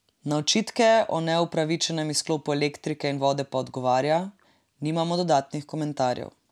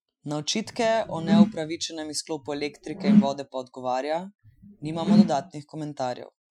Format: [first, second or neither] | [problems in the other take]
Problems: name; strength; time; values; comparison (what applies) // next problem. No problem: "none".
first | noise reduction (classical method Wiener filter)